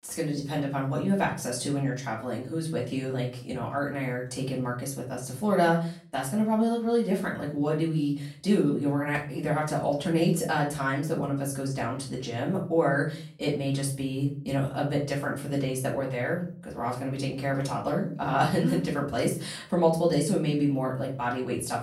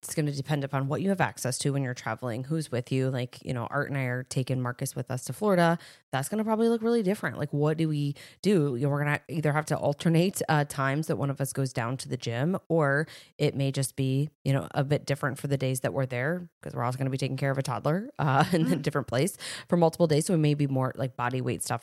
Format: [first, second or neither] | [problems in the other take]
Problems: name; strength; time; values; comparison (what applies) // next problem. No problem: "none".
second | room echo; slight; dies away in 0.4 s // off-mic speech; far